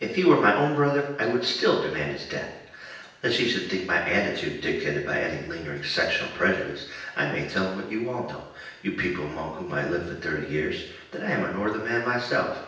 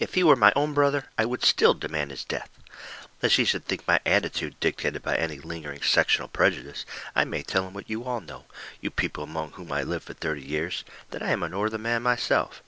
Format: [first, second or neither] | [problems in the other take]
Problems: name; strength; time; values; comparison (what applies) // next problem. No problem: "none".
second | room echo; dies away in 0.9 s